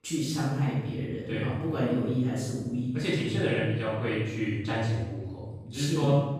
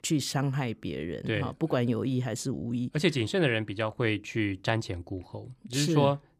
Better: second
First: off-mic speech; far // room echo; strong; dies away in 1.1 s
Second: none

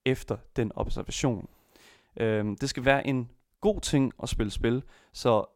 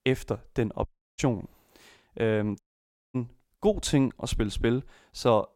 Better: first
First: none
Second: audio cutting out; at 1 s and at 2.5 s for 0.5 s

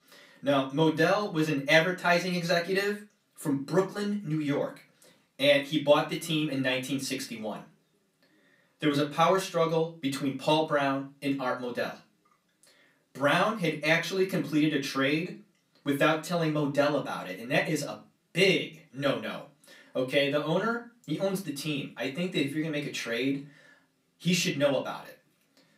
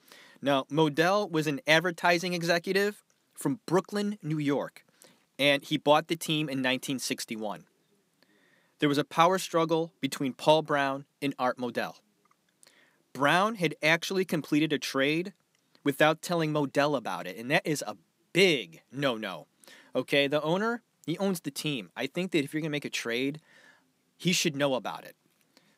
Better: second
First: off-mic speech; far // room echo; very slight; dies away in 0.3 s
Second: none

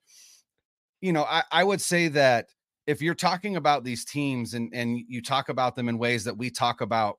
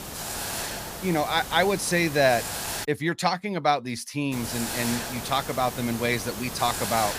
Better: first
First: none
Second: hiss; loud; until 3 s and from 4.5 s on; 6 dB below the speech

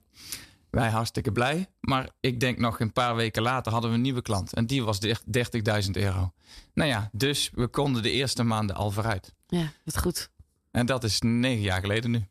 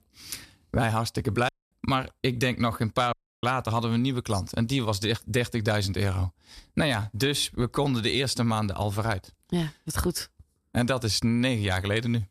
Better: first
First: none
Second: audio cutting out; at 1.5 s and at 3 s

